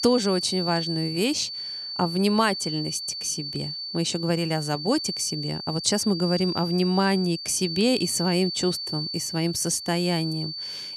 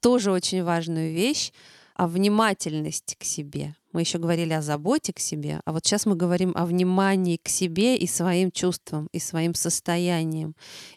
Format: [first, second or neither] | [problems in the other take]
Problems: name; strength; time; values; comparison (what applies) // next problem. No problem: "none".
second | high-pitched whine; loud; throughout; 4.5 kHz, 5 dB below the speech